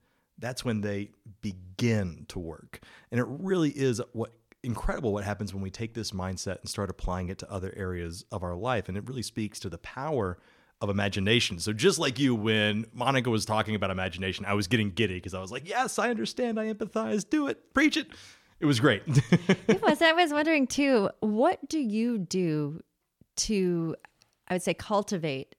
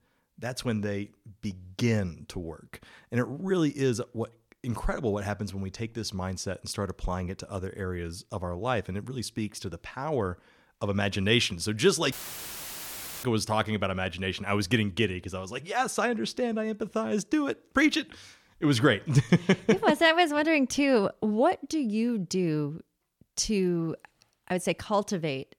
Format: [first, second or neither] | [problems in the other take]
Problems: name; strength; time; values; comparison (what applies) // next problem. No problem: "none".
first | audio cutting out; filled with static; at 12 s for 1 s